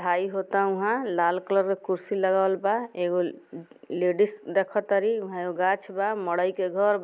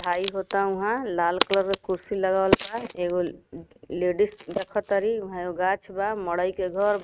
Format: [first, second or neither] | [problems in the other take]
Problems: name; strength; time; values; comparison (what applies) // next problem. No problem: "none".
first | noise reduction (neural mask model RNNoise)